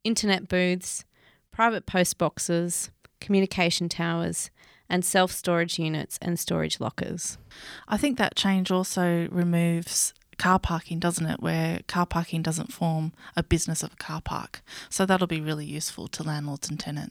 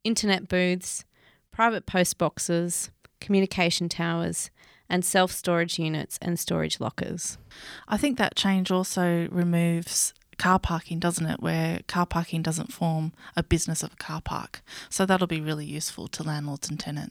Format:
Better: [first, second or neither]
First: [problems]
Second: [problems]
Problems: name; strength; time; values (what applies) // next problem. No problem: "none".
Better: neither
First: none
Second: none